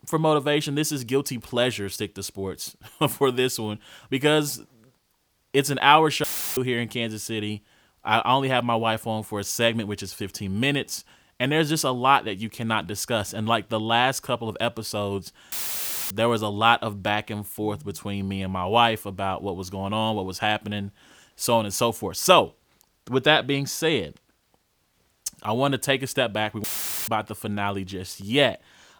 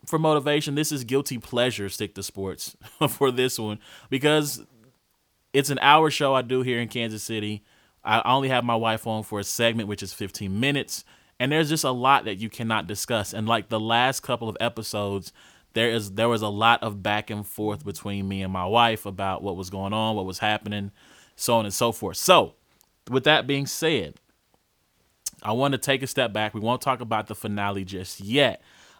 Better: second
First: audio cutting out; filled with static; at 6 s, at 16 s for 0.5 s and at 27 s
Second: none

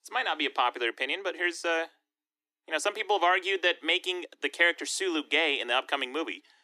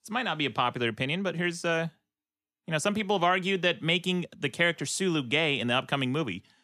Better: second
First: thin; very; fading below 300 Hz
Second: none

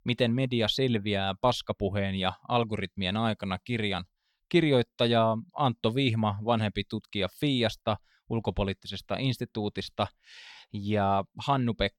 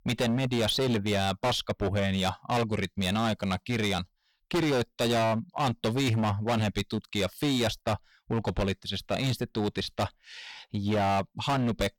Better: first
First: none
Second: distortion; heavy; 19% of the sound clipped

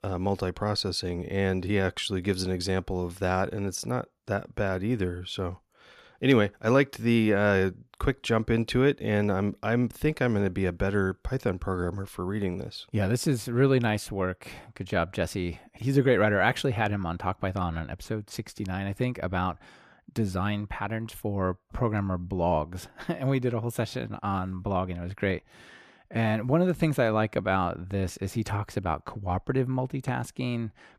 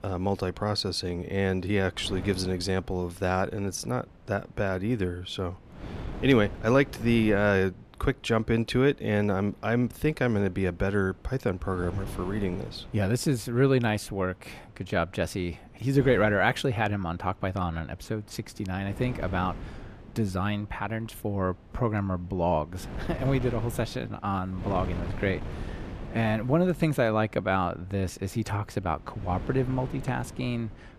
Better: first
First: none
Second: wind noise on the microphone; occasional gusts; 15 dB below the speech

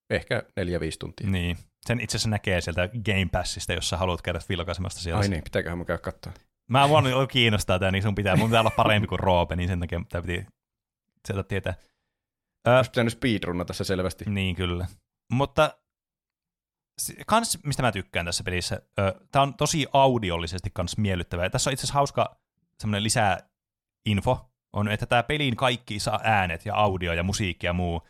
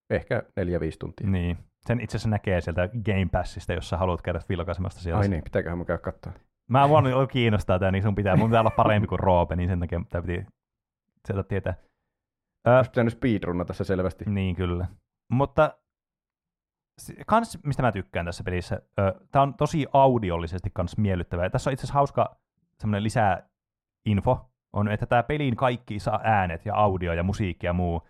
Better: first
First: none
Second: muffled; slightly; fading above 2.5 kHz

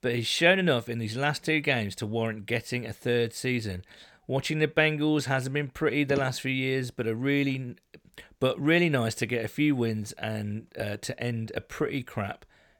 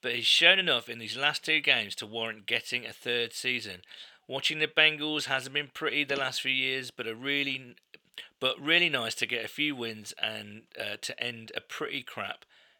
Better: first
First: none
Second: thin; somewhat; fading below 700 Hz

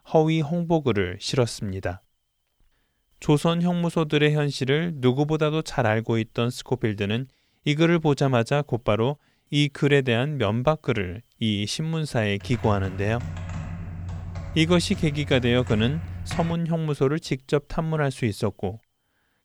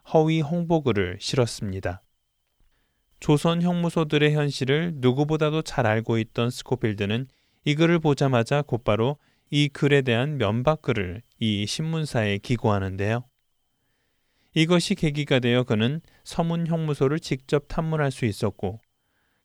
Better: second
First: keyboard typing; noticeable; from 12 to 17 s; peak 9 dB below the speech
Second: none

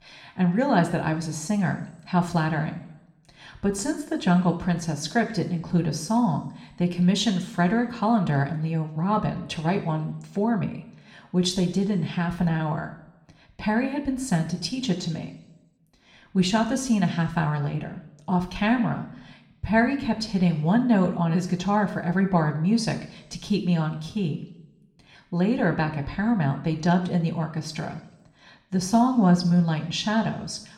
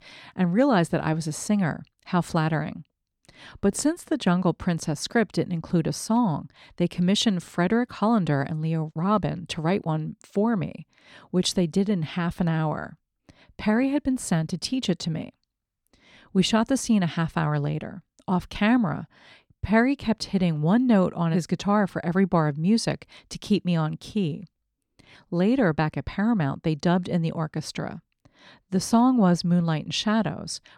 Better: second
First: room echo; slight; dies away in 0.7 s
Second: none

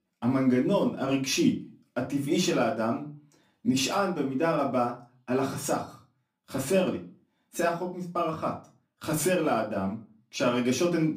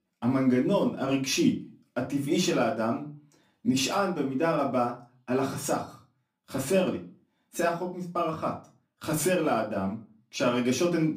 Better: neither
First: off-mic speech; far // room echo; very slight; dies away in 0.3 s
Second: off-mic speech; far // room echo; very slight; dies away in 0.3 s

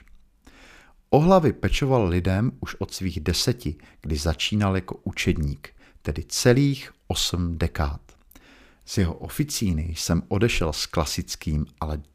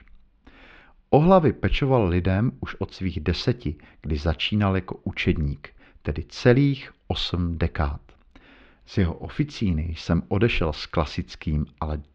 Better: first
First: none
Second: muffled; slightly; fading above 4 kHz

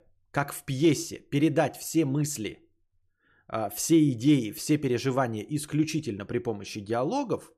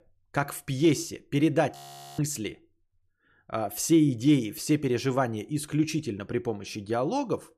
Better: first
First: none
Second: audio freezing; at 2 s

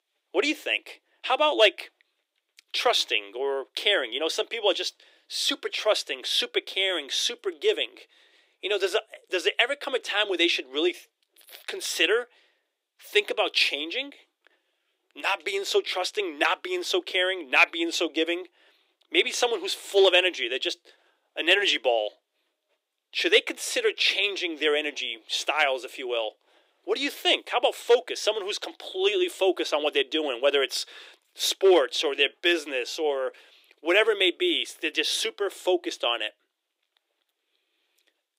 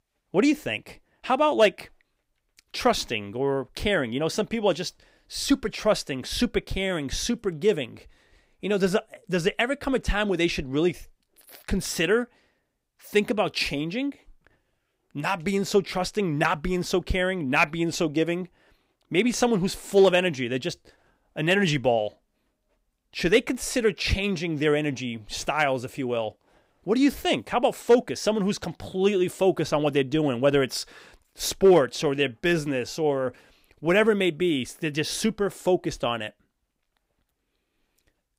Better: second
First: thin; very; fading below 350 Hz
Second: none

